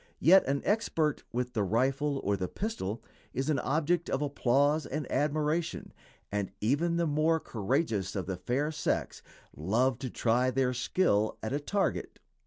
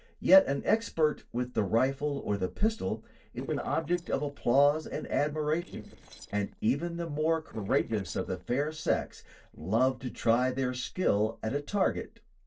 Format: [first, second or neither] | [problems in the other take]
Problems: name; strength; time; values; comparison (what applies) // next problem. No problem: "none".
first | noise reduction (neural separator model SepFormer DNS4)